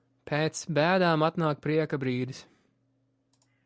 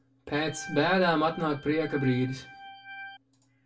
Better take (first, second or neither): first